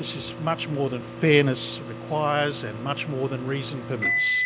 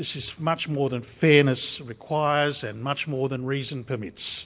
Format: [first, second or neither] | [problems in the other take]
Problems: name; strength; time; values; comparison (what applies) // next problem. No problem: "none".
second | background sound (Microwave oven); 5 dB below the speech